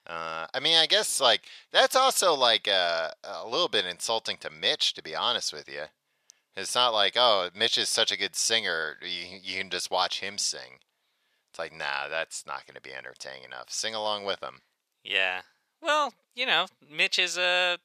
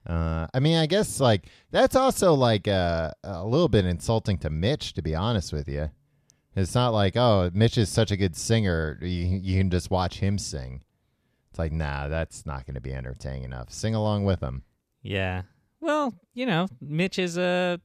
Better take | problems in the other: second | thin; very; fading below 800 Hz

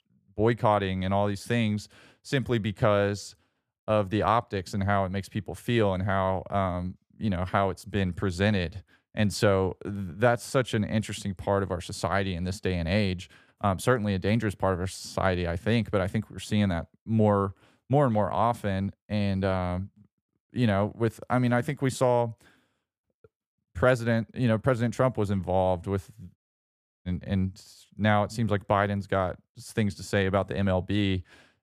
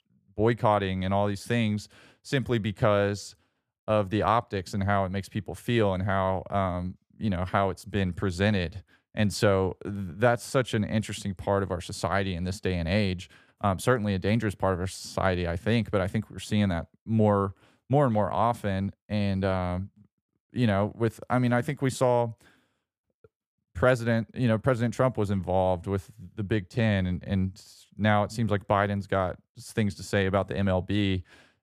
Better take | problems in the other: second | audio cutting out; at 26 s for 0.5 s

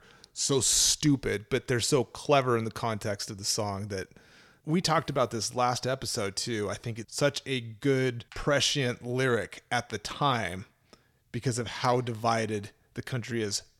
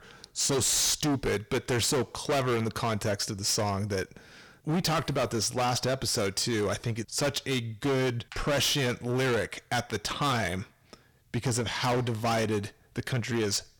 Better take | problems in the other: first | distortion; heavy; 18% of the sound clipped

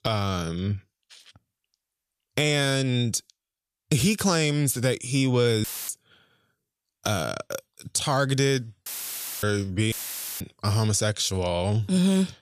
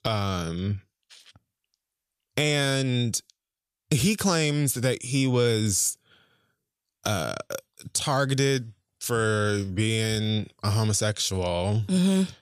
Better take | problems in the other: second | audio cutting out; filled with static; at 5.5 s, at 9 s for 0.5 s and at 10 s

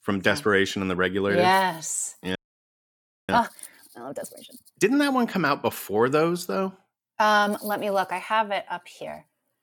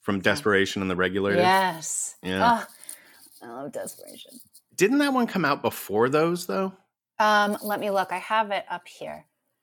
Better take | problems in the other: second | audio freezing; at 2.5 s for 1 s

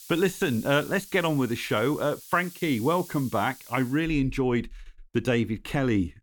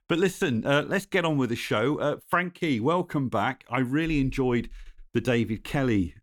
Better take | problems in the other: second | hiss; noticeable; until 4 s; 15 dB below the speech

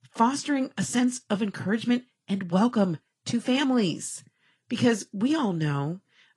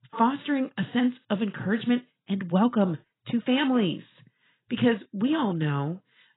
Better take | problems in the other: first | garbled, watery; badly; nothing above 3.5 kHz; slightly in the first

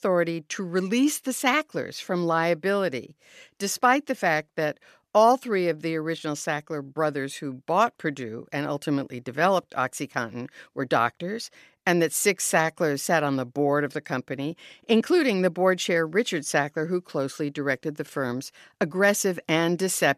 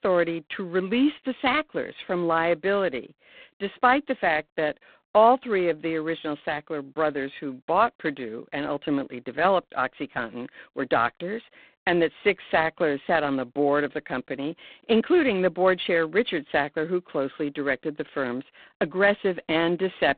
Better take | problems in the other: first | phone-call audio; poor line; nothing above 4 kHz

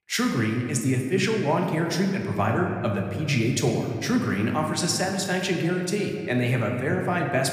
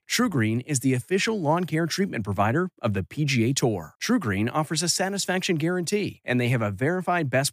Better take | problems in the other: second | room echo; noticeable; dies away in 1.8 s

